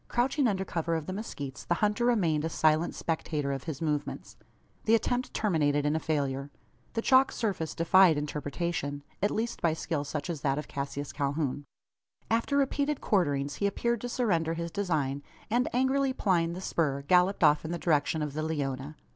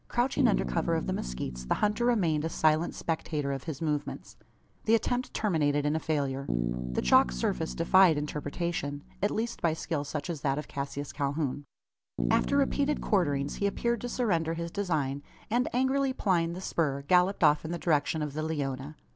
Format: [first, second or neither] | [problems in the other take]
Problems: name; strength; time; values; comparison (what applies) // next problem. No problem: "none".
first | background sound (Bass guitar); 8 dB below the speech